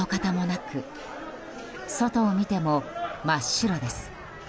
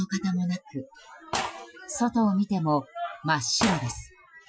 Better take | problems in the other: first | noise reduction (classical method Wiener filter)

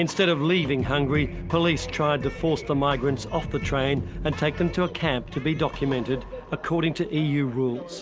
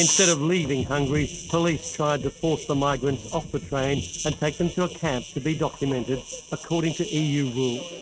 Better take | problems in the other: first | noise reduction (neural mask model RNNoise)

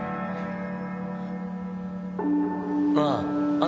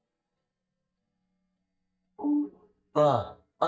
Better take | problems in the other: first | noise reduction (neural mask model DeepFilterNet 3)

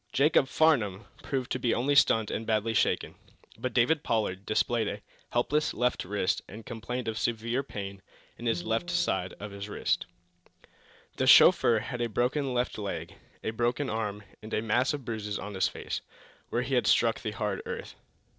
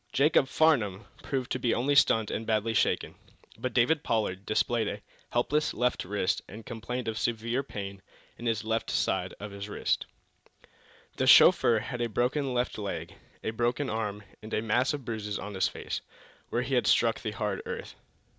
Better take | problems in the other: second | noise reduction (neural separator model SepFormer DNS4)

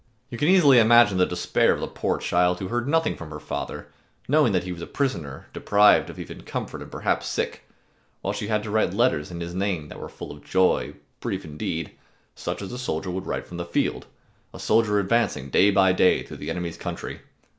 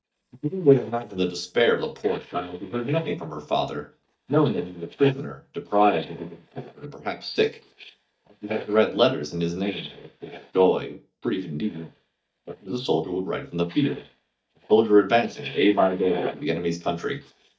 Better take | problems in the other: first | noise reduction (neural mask model DeepFilterNet 3)

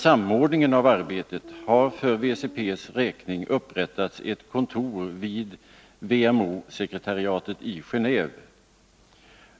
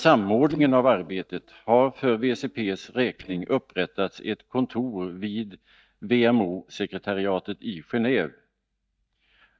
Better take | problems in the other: first | noise reduction (neural mask model DeepFilterNet 3)

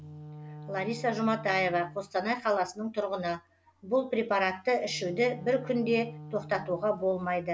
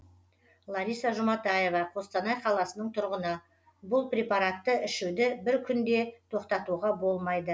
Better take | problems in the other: second | background sound (Wind instrument, woodwind instrument); 16 dB below the speech

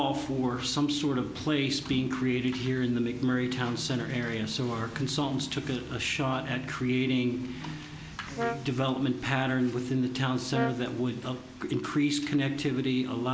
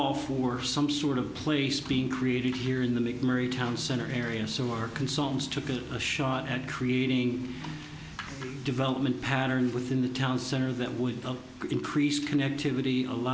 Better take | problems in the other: second | background sound (Brass instrument); 10 dB below the speech

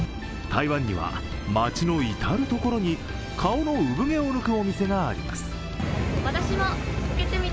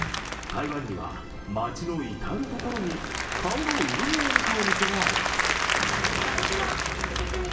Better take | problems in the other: first | background sound (Applause / Crowd); 2 dB above the speech // room echo; dies away in 0.8 s

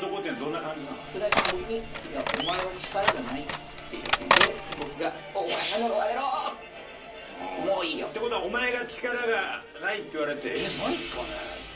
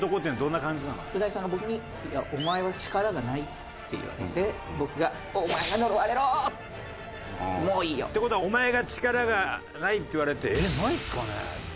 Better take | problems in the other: second | background sound (Cutlery, silverware); 2 dB above the speech // room echo; dies away in 0.3 s

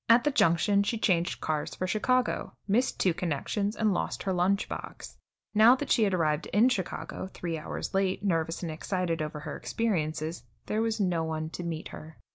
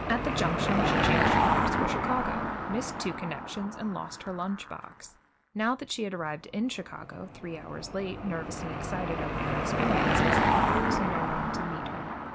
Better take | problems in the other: first | background sound (Car passing by / Engine); 5 dB above the speech

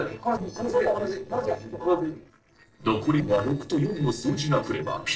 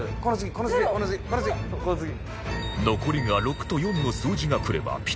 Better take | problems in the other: second | noise reduction (neural separator model SepFormer DNS4)

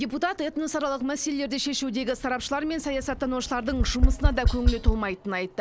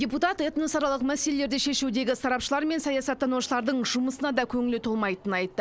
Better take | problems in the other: second | background sound (Tap); 2 dB above the speech

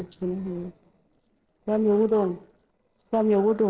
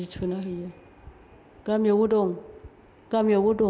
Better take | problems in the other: second | noise reduction (neural separator model SepFormer DNS4)

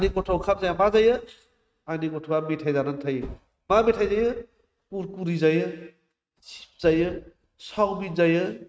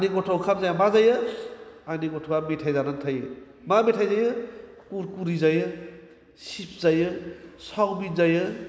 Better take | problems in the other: second | noise reduction (neural mask model RNNoise)

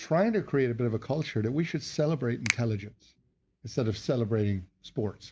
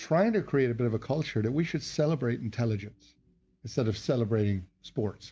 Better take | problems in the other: second | noise reduction (neural mask model Resemble Enhance denoiser)

